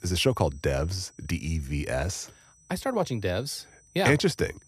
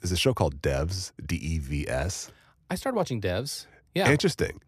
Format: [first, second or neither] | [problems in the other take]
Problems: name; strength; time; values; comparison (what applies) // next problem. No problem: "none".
second | high-pitched whine; faint; throughout; 6 kHz, 30 dB below the speech